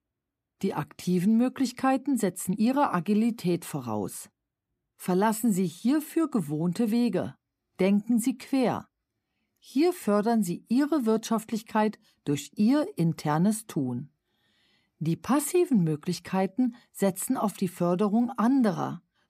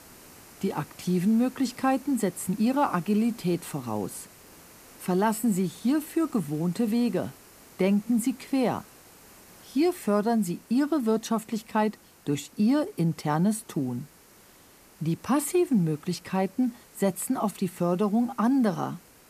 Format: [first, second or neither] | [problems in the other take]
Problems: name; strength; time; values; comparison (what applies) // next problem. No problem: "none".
first | hiss; faint; throughout; 25 dB below the speech